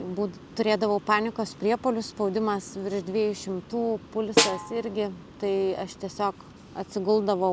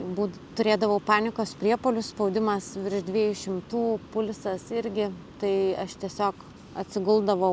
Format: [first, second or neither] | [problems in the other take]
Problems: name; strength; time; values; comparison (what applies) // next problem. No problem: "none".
second | background sound (Snare drum); 1 dB below the speech